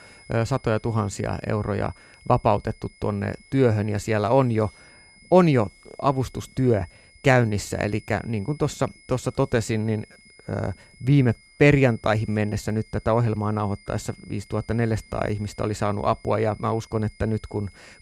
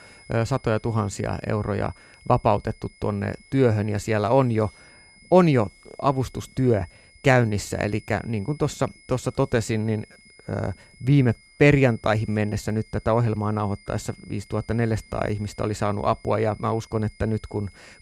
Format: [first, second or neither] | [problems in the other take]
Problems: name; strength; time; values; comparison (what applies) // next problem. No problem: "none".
neither | high-pitched whine; faint; throughout; 2 kHz, 25 dB below the speech; the same in both